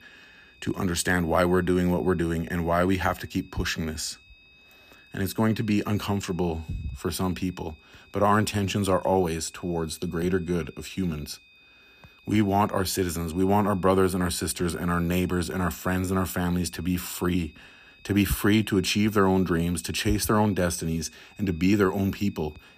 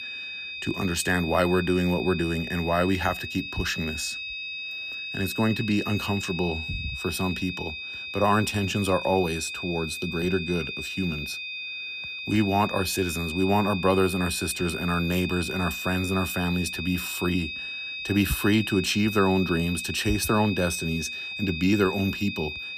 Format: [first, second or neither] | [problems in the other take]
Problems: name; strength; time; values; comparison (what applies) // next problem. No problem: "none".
first | high-pitched whine; loud; throughout; 2.5 kHz, 6 dB below the speech; faint in the first